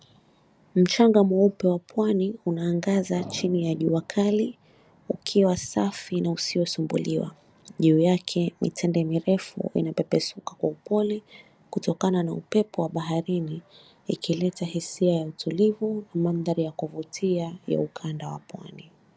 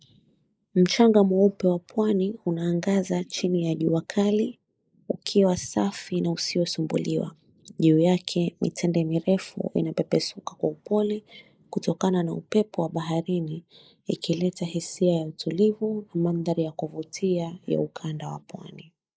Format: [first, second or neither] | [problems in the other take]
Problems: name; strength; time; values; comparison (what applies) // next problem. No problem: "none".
first | noise reduction (neural mask model Resemble Enhance denoiser)